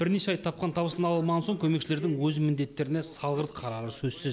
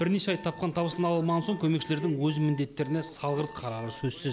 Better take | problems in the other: first | background sound (Alarm); 20 dB below the speech

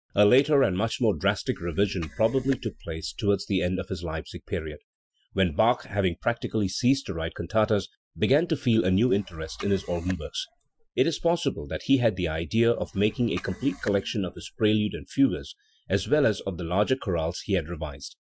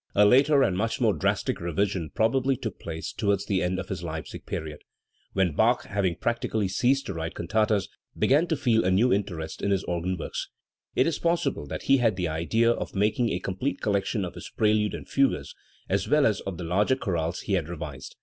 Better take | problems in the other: second | noise reduction (classical method Wiener filter)

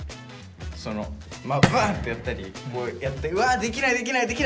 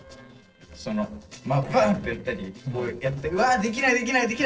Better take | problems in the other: first | noise reduction (neural separator model SepFormer DNS4)

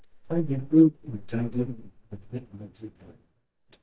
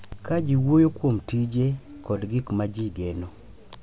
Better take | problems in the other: second | noise reduction (neural mask model DeepFilterNet 3)

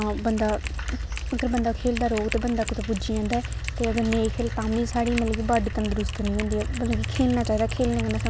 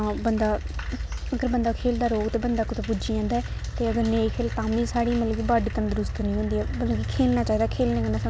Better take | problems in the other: second | background sound (Typing); 12 dB below the speech

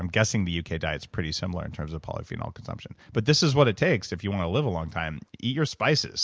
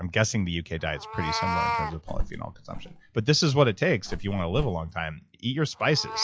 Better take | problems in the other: first | noise reduction (classical method log-MMSE)

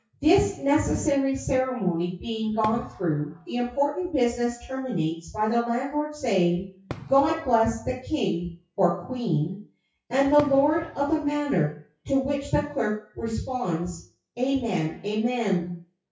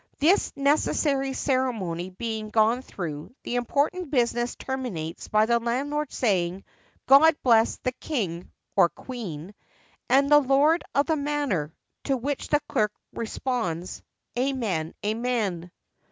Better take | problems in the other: second | noise reduction (classical method WPE with log-MMSE)

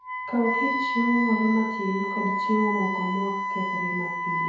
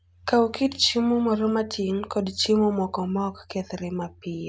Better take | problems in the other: second | background sound (Wind instrument, woodwind instrument); 1 dB below the speech // room echo; dies away in 0.9 s

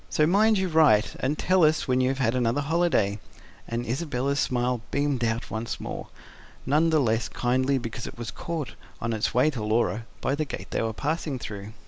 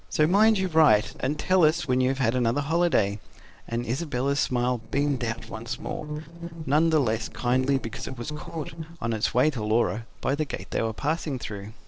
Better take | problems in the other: first | noise reduction (neural separator model SepFormer DNS4)

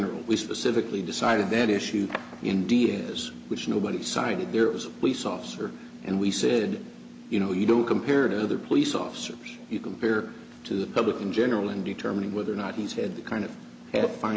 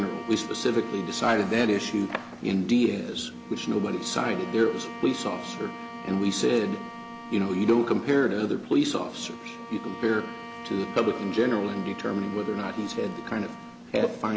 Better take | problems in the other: first | background sound (Bowed string instrument); 15 dB below the speech

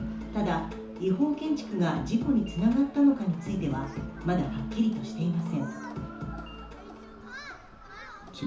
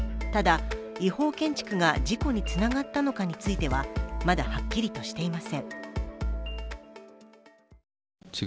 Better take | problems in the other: second | background sound (Human group actions); 19 dB below the speech // room echo; dies away in 0.9 s

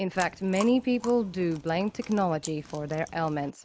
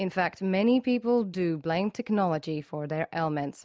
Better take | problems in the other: second | background sound (Chewing, mastication); 17 dB below the speech

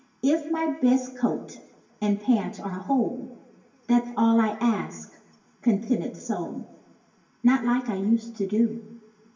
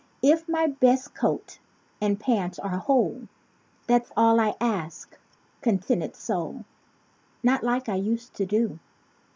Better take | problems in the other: second | room echo; dies away in 0.9 s

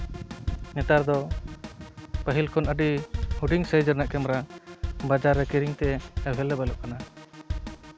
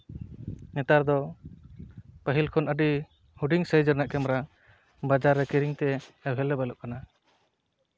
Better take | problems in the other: second | background sound (Drum kit); 7 dB below the speech

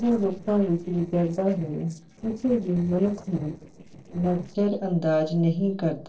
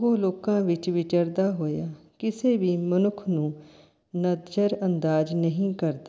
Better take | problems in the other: second | noise reduction (neural separator model SepFormer DNS4)

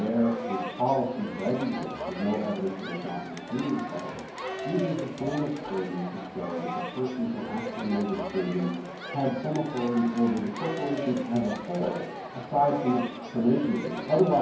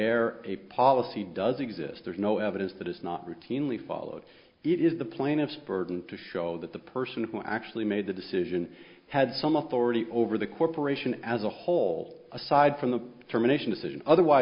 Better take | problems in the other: second | background sound (Crowd); 8 dB below the speech // room echo; dies away in 0.9 s

